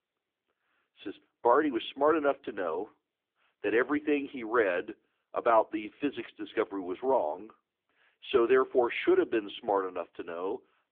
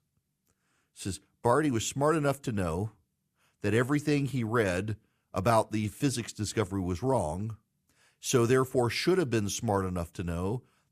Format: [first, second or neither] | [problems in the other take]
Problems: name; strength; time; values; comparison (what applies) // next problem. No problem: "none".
second | phone-call audio; nothing above 3.5 kHz